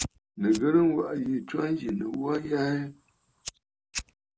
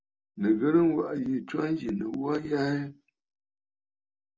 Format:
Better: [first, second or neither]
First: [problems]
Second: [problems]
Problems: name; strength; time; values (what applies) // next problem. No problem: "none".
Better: second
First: background sound (Fire); 15 dB below the speech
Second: none